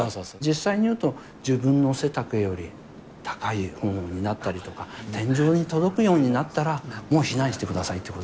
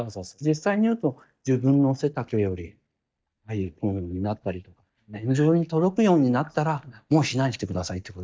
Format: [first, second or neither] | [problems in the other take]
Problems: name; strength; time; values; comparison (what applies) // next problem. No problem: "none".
first | noise reduction (neural mask model DeepFilterNet 3)